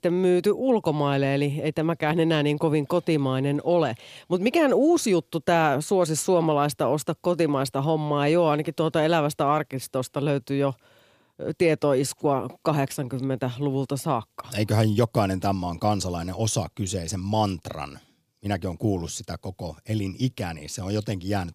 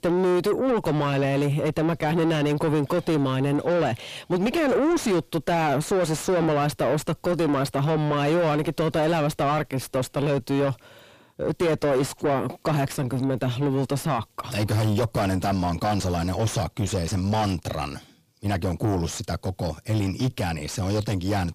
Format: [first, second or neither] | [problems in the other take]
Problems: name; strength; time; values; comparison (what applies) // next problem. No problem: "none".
first | distortion; heavy; 5 dB below the speech